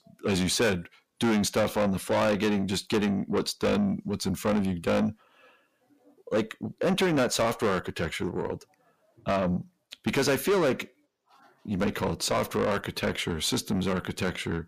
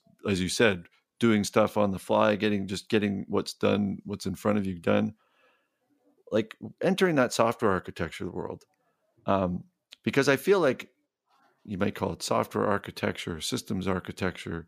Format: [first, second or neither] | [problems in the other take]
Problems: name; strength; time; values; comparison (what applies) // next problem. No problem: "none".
second | distortion; heavy; 6 dB below the speech